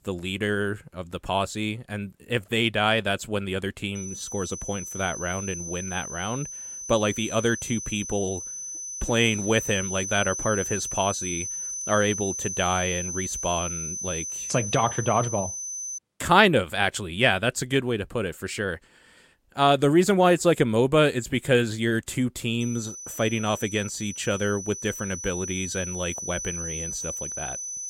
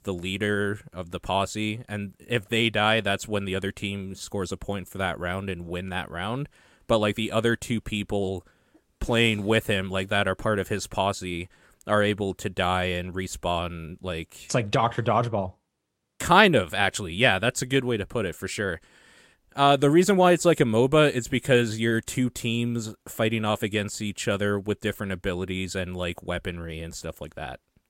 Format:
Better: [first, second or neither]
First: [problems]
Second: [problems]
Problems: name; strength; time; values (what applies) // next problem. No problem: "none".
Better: second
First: high-pitched whine; loud; from 4 to 16 s and from 23 s on; 6 kHz, 6 dB below the speech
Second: none